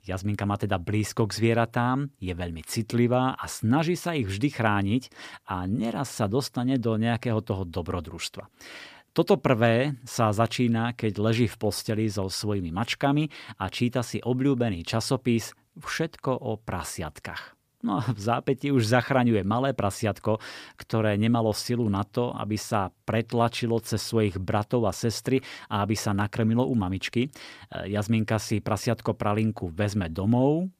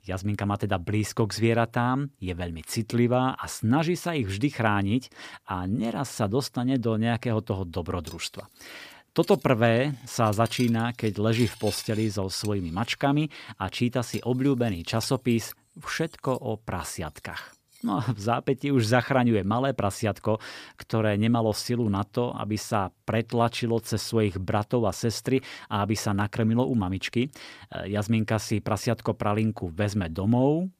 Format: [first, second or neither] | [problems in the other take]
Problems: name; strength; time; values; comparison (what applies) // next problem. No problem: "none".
first | clattering dishes; faint; from 8 to 17 s; peak 10 dB below the speech